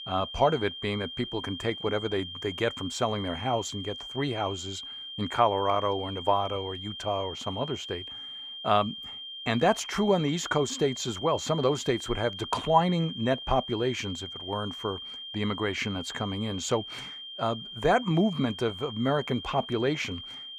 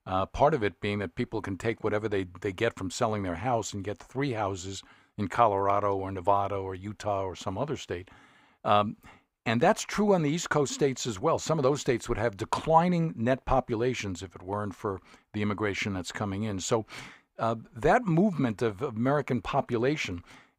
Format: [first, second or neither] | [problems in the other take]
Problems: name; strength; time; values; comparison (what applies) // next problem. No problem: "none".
second | high-pitched whine; loud; throughout; 3 kHz, 9 dB below the speech